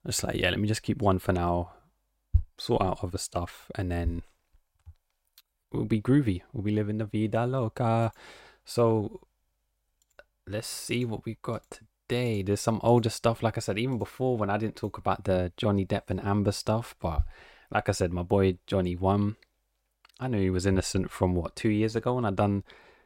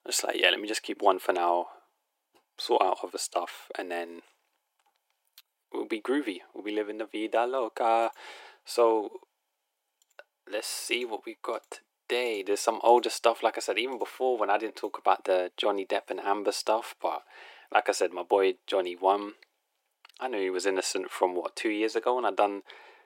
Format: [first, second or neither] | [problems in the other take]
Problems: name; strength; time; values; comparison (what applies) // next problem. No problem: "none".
first | thin; very; fading below 350 Hz